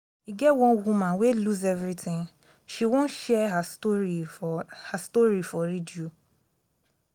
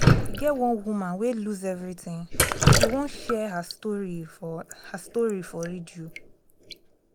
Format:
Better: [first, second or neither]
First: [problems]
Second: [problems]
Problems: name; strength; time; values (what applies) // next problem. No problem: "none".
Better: first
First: none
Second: background sound (Drip); 3 dB above the speech